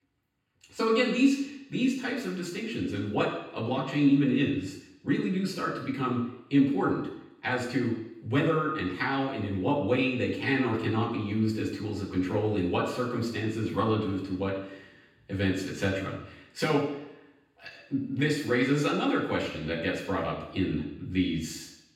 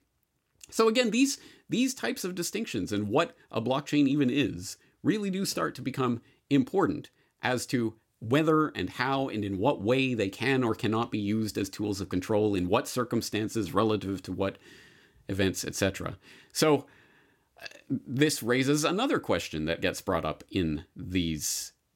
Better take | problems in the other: second | room echo; noticeable; dies away in 0.9 s // off-mic speech; far

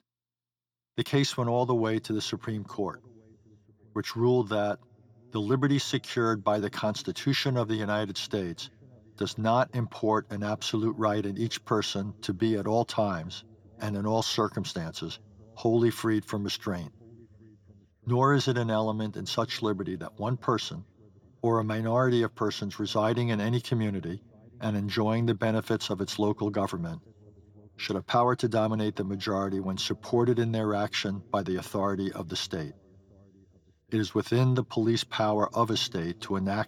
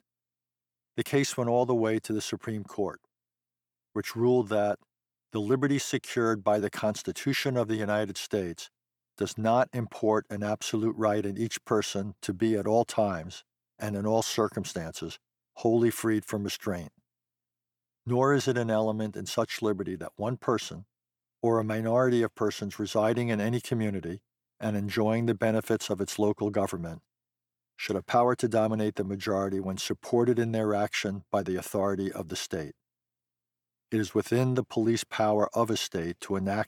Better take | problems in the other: second | room echo; noticeable; dies away in 3 s

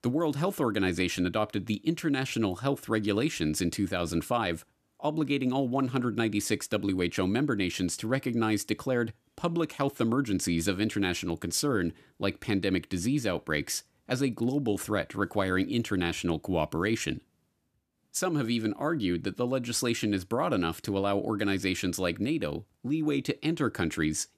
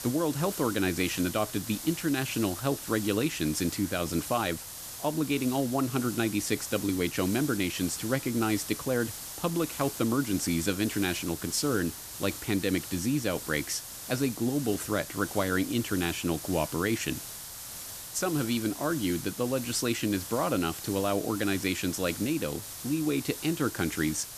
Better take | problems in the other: first | hiss; loud; throughout; 8 dB below the speech

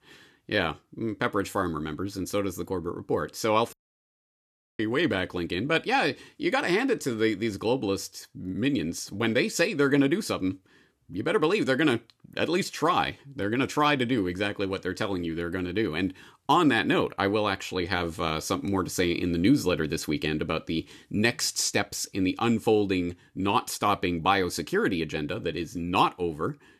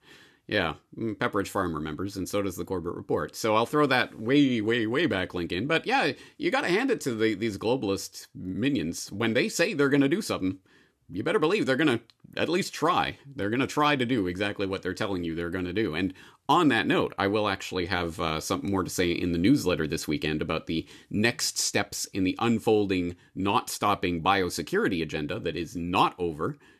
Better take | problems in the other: second | audio cutting out; at 3.5 s for 1 s

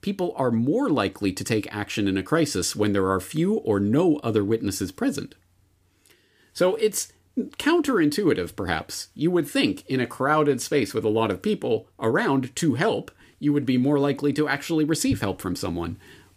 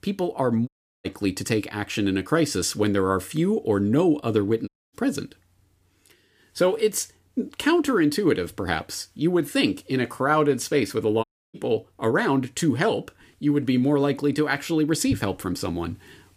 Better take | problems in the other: first | audio cutting out; at 0.5 s, at 4.5 s and at 11 s

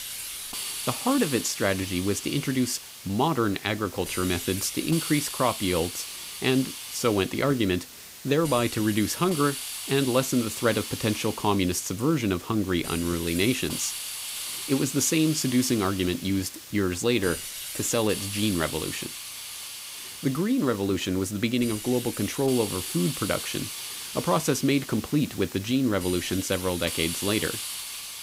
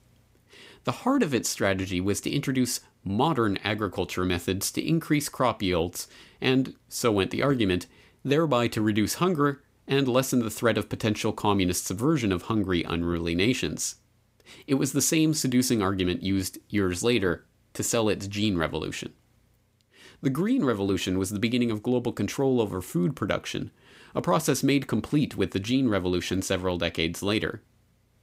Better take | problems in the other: second | hiss; loud; throughout; 8 dB below the speech

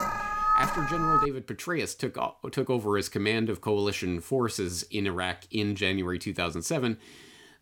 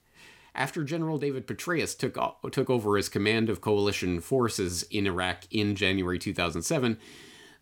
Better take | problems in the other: second | alarm; loud; until 1.5 s; peak 6 dB above the speech

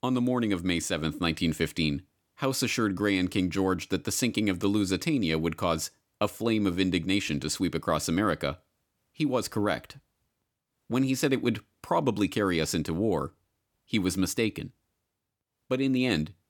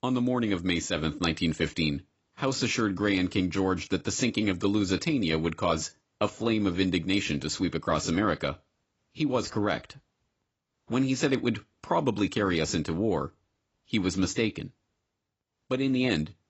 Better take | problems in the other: first | garbled, watery; badly; nothing above 7.5 kHz

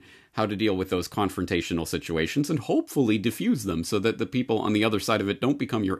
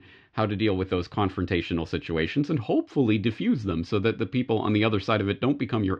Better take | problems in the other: first | muffled; slightly; fading above 4 kHz

